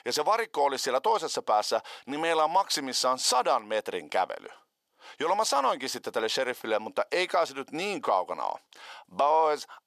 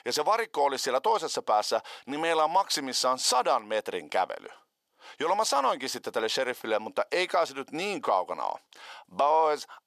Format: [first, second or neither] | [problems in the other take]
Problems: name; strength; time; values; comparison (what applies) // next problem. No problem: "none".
neither | thin; very; fading below 550 Hz; the same in both